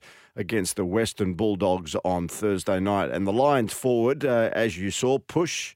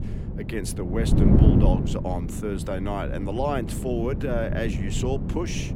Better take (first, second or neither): first